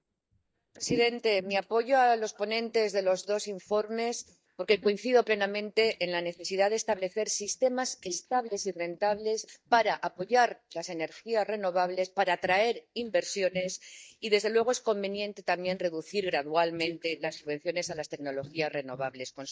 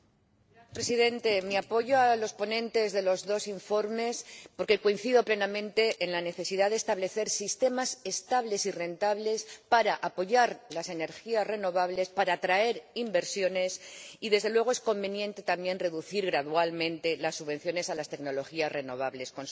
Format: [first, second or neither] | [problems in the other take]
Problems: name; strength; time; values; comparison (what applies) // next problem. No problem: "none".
second | noise reduction (neural mask model DeepFilterNet 3)